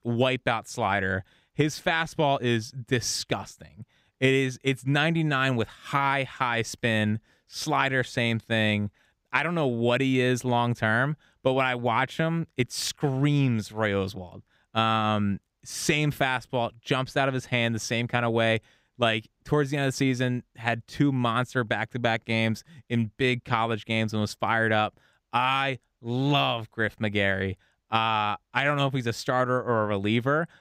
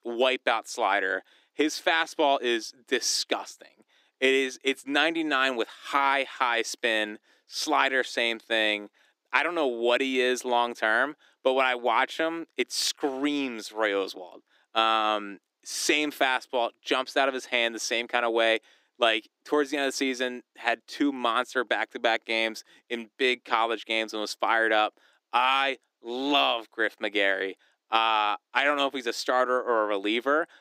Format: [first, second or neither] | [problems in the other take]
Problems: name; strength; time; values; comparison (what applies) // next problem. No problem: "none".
first | thin; somewhat; fading below 300 Hz